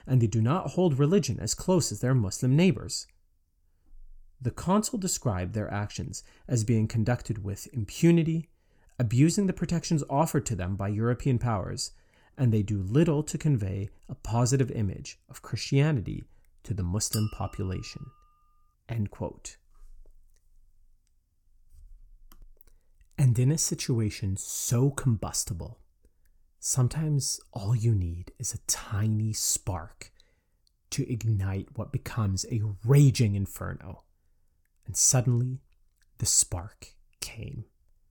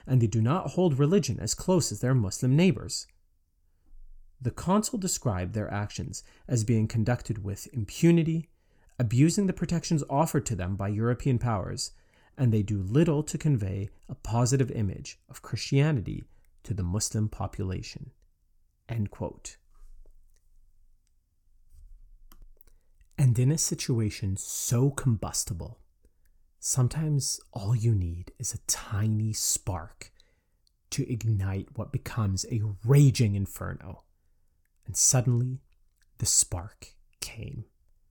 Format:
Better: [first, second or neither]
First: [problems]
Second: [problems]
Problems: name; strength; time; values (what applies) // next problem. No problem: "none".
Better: second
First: clattering dishes; noticeable; at 17 s; peak 10 dB below the speech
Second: none